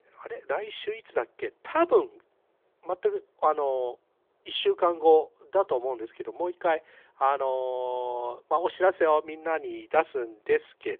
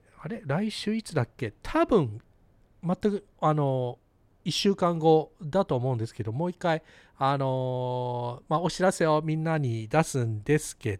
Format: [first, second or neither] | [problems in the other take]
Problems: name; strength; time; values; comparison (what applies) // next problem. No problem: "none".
second | phone-call audio; nothing above 3.5 kHz